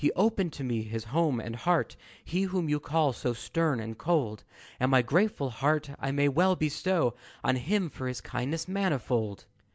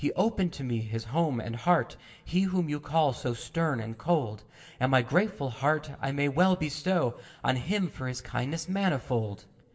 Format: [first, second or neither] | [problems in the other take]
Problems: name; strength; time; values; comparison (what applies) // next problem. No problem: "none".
first | room echo; dies away in 0.7 s